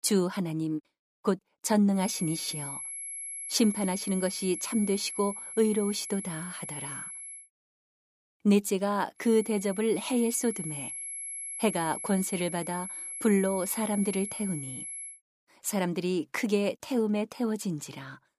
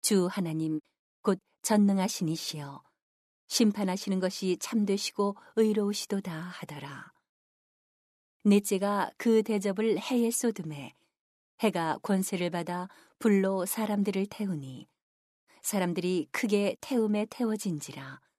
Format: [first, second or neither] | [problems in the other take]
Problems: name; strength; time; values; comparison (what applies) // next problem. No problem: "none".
second | high-pitched whine; loud; from 2 to 7.5 s and from 9 to 15 s; 11 kHz, 7 dB below the speech